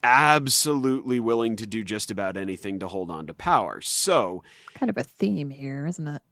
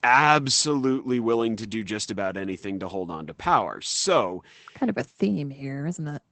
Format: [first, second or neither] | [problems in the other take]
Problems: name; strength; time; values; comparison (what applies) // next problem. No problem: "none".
first | garbled, watery; badly; nothing above 8 kHz; slightly in the first